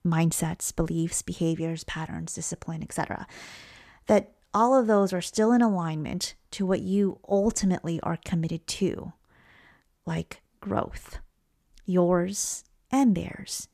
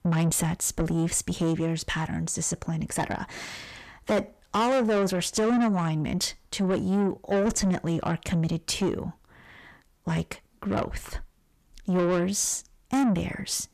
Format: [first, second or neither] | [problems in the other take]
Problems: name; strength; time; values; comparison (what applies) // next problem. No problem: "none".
first | distortion; heavy; 7 dB below the speech